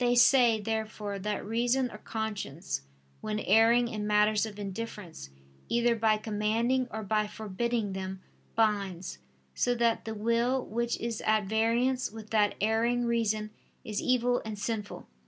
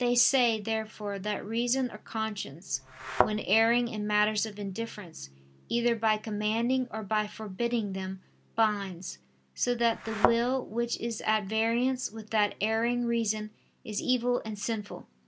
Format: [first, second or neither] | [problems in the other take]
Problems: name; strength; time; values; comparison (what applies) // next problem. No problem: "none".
first | background sound (Thump, thud); 1 dB below the speech